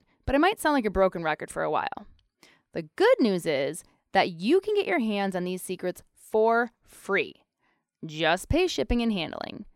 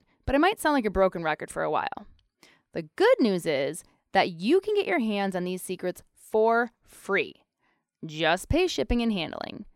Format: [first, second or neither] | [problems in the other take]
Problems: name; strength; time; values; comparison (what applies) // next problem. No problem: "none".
neither | none